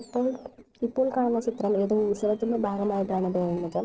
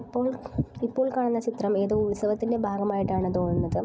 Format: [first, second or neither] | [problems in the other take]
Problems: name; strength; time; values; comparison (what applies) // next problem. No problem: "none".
second | noise reduction (neural separator model SepFormer DNS4)